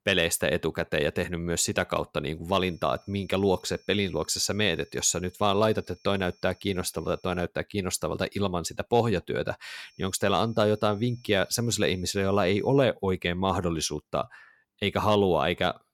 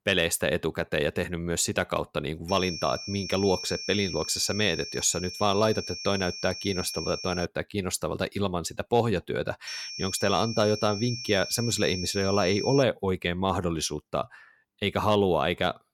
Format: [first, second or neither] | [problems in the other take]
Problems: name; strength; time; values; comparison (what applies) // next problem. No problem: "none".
first | high-pitched whine; loud; from 2.5 to 7.5 s and from 9.5 to 13 s; 5.5 kHz, 8 dB below the speech; faint in the first